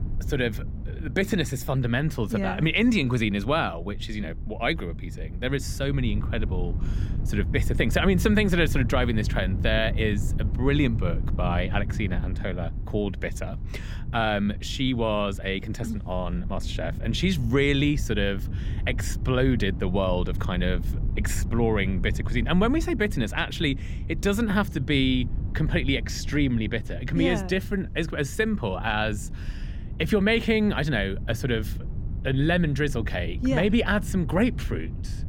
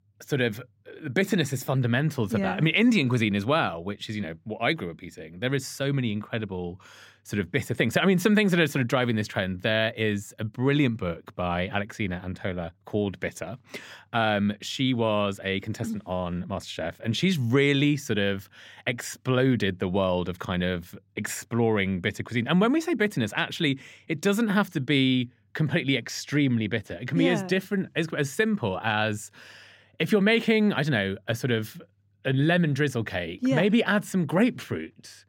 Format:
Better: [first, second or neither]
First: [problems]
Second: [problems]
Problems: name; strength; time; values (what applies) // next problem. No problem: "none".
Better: second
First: wind noise on the microphone; occasional gusts; 20 dB below the speech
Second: none